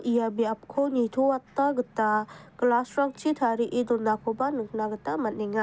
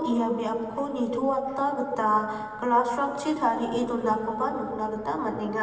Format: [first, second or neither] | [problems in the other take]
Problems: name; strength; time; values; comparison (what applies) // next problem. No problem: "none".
first | room echo; dies away in 2.5 s